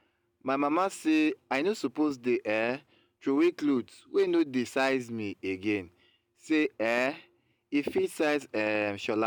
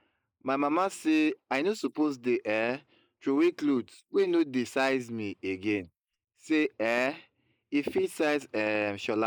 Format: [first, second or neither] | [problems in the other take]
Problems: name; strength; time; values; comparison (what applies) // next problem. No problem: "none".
first | noise reduction (neural mask model Resemble Enhance denoiser)